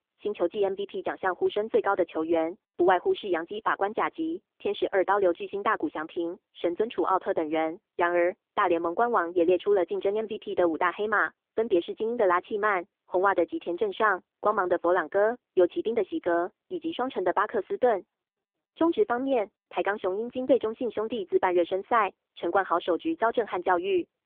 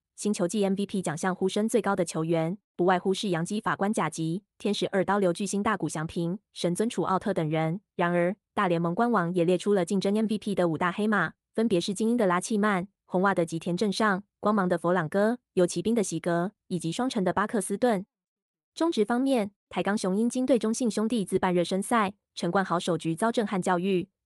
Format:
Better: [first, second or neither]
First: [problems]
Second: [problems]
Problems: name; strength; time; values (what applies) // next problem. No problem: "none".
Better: second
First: phone-call audio; poor line; nothing above 3.5 kHz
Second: none